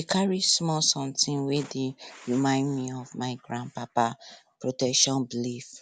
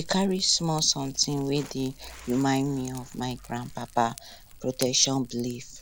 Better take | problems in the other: first | background sound (Fire); 18 dB below the speech

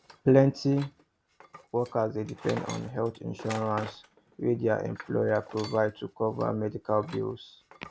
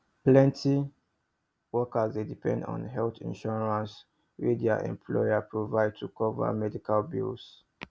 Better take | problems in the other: second | background sound (Tools); 18 dB below the speech

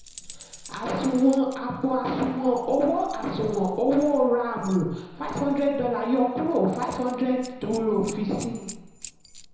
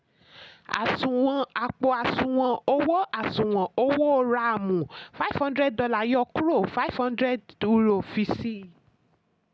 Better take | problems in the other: second | background sound (Keys jangling); 19 dB below the speech // room echo; dies away in 1 s

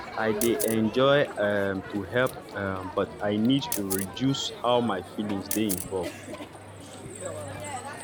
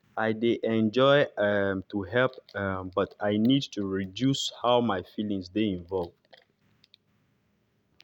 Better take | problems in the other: second | background sound (Crowd + Camera); 8 dB below the speech

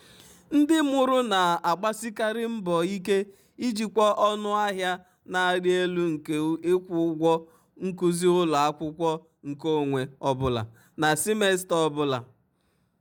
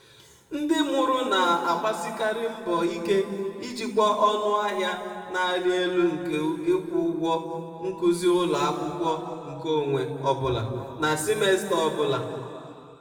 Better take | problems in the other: first | room echo; dies away in 2.2 s

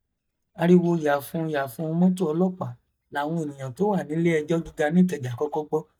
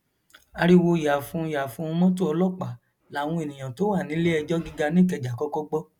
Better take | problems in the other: second | noise reduction (neural mask model DeepFilterNet 3)

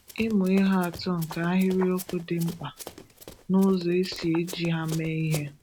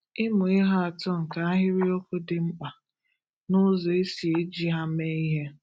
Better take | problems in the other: second | background sound (Run); 17 dB below the speech

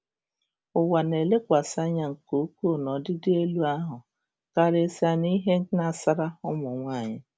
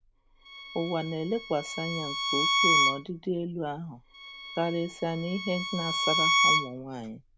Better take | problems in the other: first | background sound (Bowed string instrument); 3 dB above the speech

